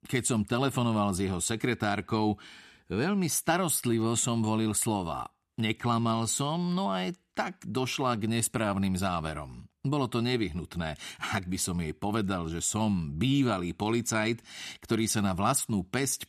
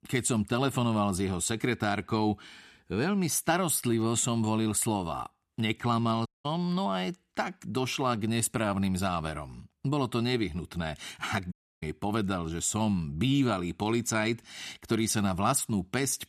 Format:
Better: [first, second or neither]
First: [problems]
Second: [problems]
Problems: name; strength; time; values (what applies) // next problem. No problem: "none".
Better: first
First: none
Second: audio cutting out; at 6.5 s and at 12 s